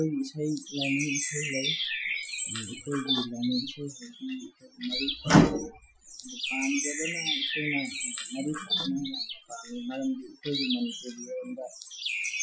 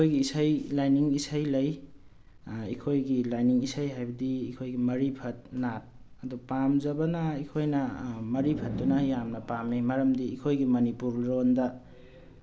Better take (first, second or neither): second